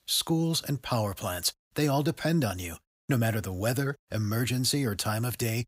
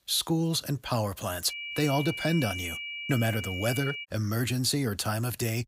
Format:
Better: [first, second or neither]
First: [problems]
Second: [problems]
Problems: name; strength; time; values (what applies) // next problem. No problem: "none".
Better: first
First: none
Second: high-pitched whine; loud; from 1.5 to 4 s; 2.5 kHz, 6 dB below the speech